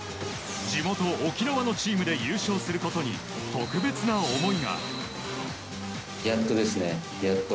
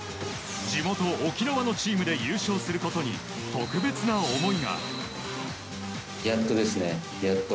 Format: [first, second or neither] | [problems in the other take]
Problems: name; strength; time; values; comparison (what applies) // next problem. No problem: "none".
second | background sound (Alarm); 20 dB below the speech